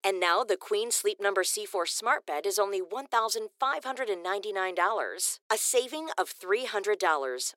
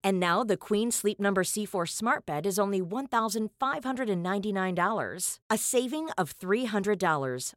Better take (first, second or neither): second